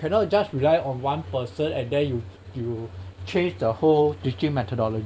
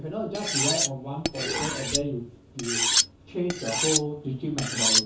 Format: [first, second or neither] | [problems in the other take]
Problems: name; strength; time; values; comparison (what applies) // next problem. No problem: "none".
first | background sound (Cutlery, silverware); 4 dB above the speech // room echo; dies away in 0.9 s